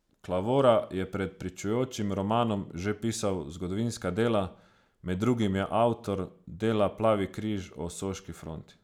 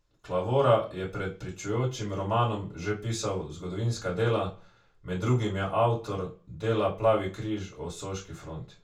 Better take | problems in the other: first | room echo; dies away in 0.2 s

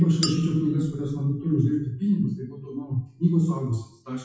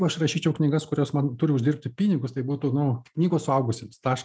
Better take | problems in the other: second | noise reduction (classical method WPE with log-MMSE)

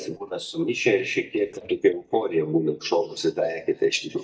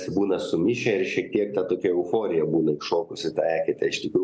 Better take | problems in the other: second | noise reduction (neural mask model DeepFilterNet 3)

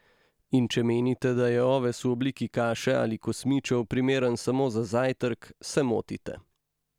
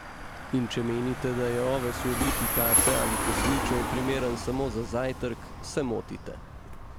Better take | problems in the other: first | background sound (Engine / Car + Train); 1 dB below the speech

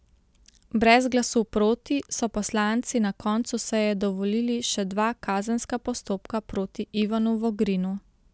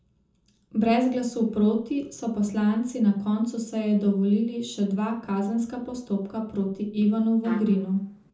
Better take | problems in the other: first | background sound (Trumpet); 16 dB below the speech // room echo; dies away in 0.5 s

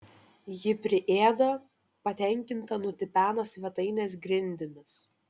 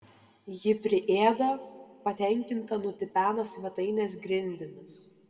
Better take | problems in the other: first | room echo; dies away in 1.4 s

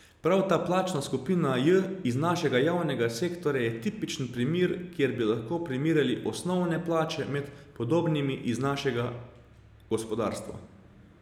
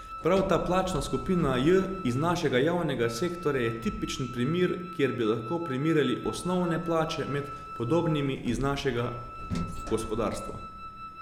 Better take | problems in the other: first | background sound (Sliding door + Wind instrument, woodwind instrument); 11 dB below the speech

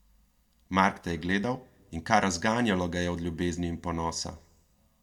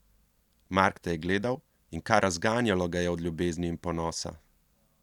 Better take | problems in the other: second | room echo; dies away in 0.3 s

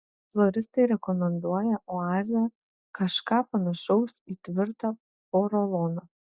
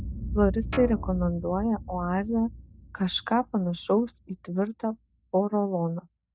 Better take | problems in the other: first | background sound (Guitar + Boom); 10 dB below the speech

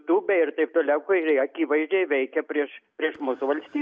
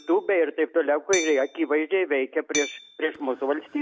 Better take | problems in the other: first | background sound (Hammer); 13 dB below the speech

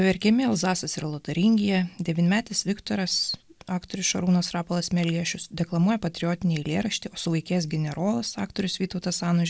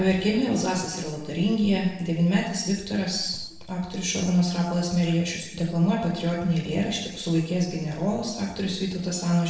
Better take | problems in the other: first | room echo; dies away in 0.8 s

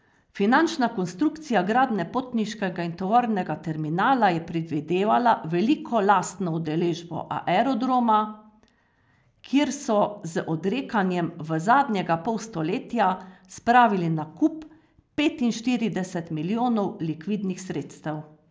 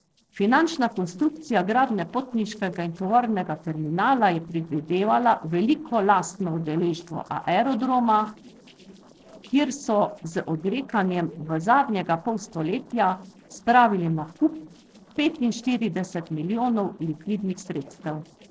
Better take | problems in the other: first | noise reduction (neural separator model SepFormer DNS4)

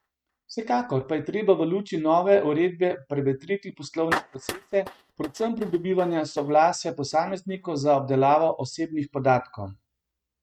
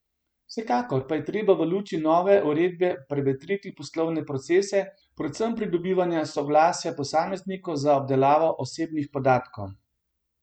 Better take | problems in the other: second | noise reduction (neural mask model RNNoise)

